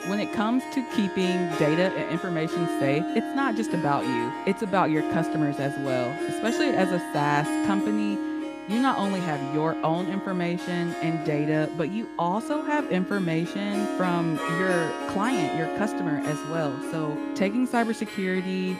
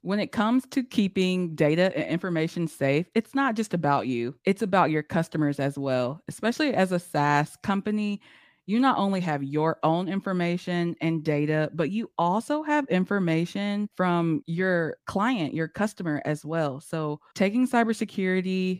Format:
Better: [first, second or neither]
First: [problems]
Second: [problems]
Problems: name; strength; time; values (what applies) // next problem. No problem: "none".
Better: second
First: background music; loud; throughout; 3 dB below the speech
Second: none